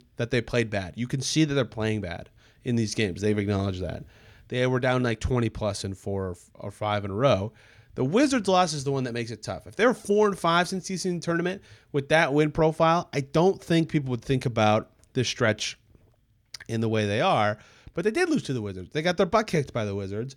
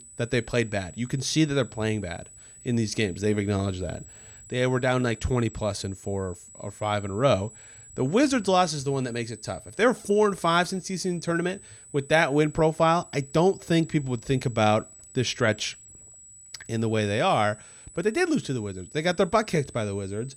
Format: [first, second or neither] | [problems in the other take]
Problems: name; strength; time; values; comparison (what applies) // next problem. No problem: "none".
first | high-pitched whine; noticeable; throughout; 8 kHz, 20 dB below the speech